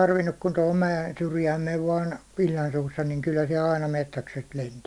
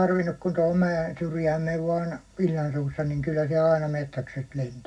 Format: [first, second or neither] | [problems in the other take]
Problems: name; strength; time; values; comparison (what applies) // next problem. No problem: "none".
first | room echo; dies away in 0.4 s